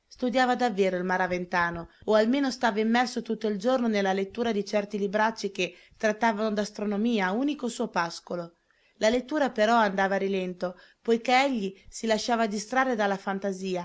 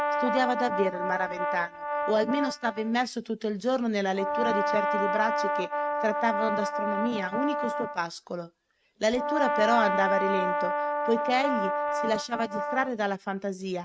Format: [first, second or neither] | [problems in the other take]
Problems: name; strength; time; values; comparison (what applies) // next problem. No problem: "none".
first | noise reduction (neural mask model RNNoise)